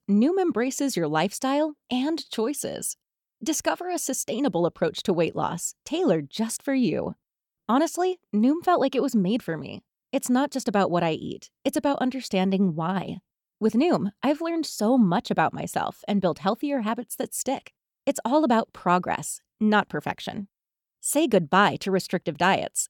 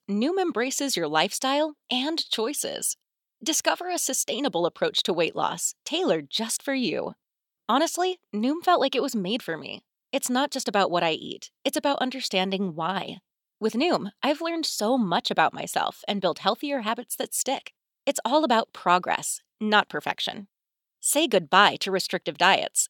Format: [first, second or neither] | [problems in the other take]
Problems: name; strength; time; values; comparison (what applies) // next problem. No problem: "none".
first | thin; very slightly; fading below 550 Hz